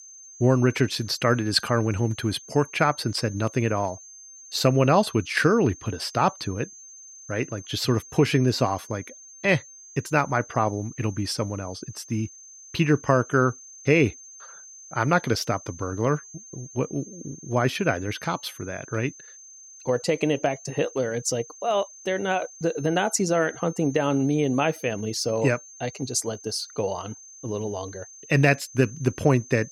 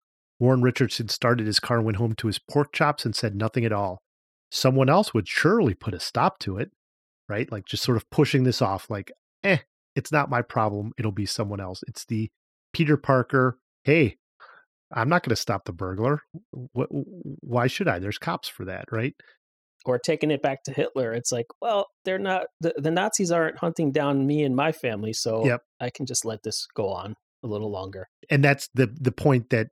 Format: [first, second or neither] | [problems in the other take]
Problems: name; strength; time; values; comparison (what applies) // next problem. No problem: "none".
second | high-pitched whine; noticeable; throughout; 6.5 kHz, 20 dB below the speech